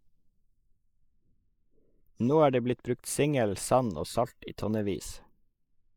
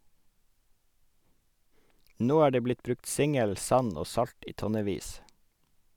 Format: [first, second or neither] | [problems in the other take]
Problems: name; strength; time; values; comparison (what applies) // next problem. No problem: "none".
second | noise reduction (neural mask model Resemble Enhance denoiser)